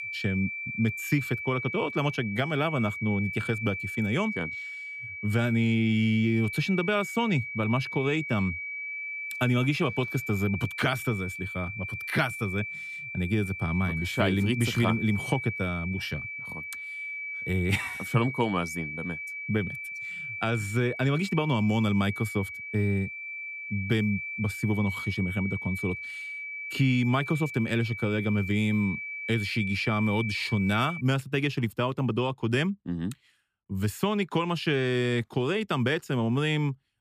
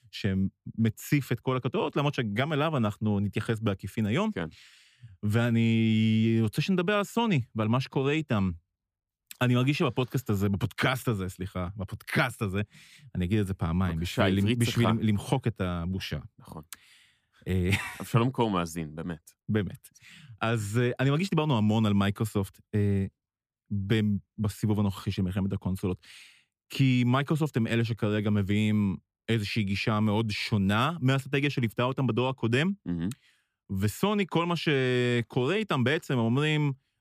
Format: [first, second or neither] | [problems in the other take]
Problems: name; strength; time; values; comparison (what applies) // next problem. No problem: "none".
second | high-pitched whine; loud; until 31 s; 2.5 kHz, 6 dB below the speech